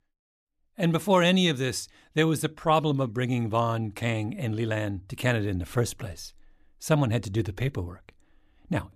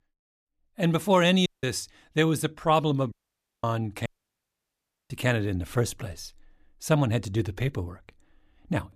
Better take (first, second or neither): first